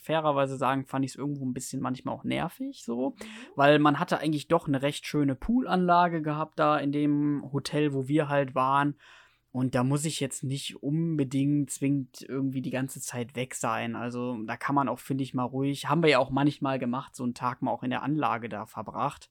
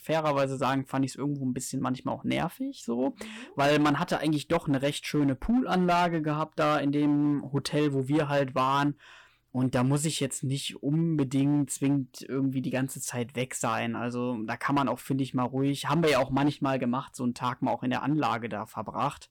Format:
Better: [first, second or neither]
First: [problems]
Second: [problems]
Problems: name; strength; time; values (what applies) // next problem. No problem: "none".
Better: first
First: none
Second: distortion; slight; 7% of the sound clipped